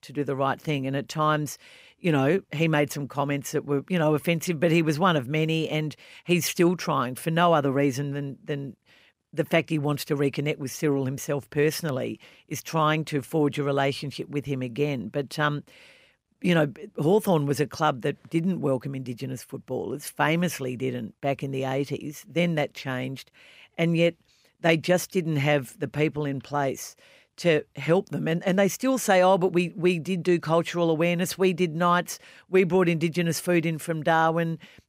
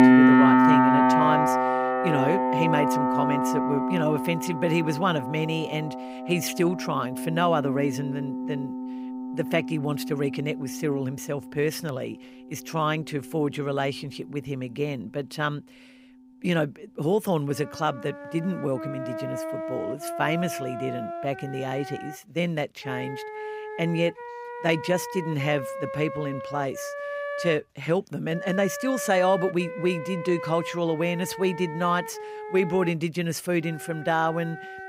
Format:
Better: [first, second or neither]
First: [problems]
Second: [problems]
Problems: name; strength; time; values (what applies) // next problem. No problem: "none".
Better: first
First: none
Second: background music; very loud; throughout; as loud as the speech